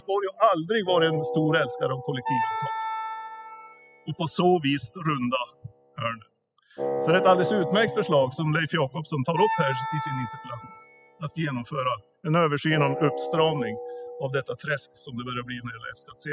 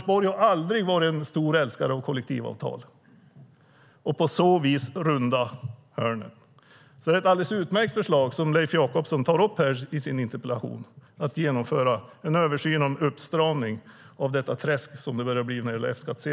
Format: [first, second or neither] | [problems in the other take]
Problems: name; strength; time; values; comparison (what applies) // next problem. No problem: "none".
second | noise reduction (classical method spectral subtraction)